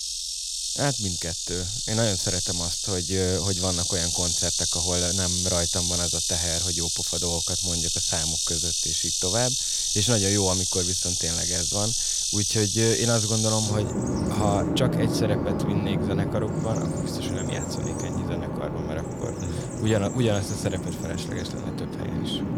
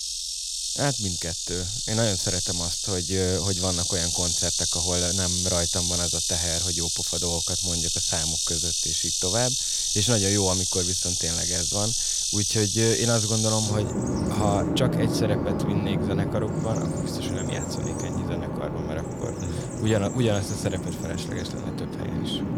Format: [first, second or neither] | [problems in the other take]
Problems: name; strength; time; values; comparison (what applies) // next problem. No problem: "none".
neither | animal sounds; very loud; throughout; 4 dB above the speech; the same in both